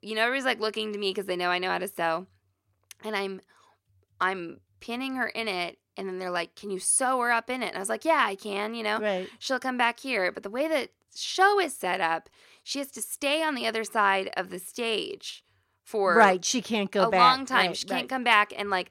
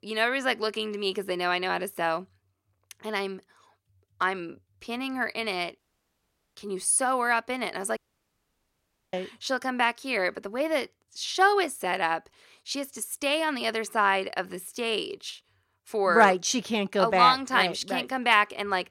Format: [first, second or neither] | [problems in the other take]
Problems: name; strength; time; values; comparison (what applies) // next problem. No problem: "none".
first | audio cutting out; at 6 s for 1 s and at 8 s for 1 s